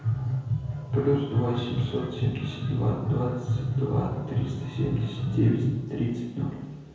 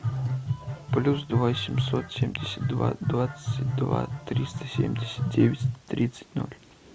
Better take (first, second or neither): second